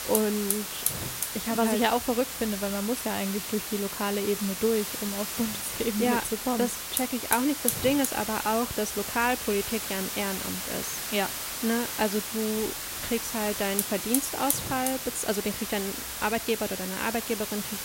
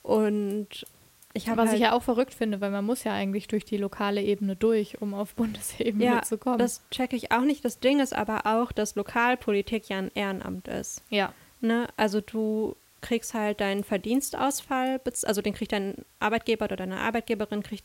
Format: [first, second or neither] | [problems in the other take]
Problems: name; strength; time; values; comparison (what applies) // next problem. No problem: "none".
second | hiss; loud; throughout; 2 dB below the speech; faint in the second